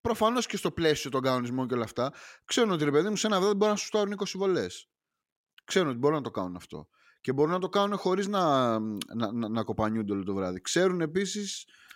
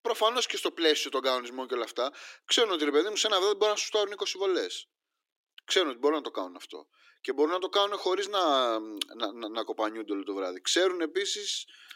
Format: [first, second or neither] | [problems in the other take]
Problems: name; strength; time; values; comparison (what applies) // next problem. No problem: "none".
first | thin; somewhat; fading below 300 Hz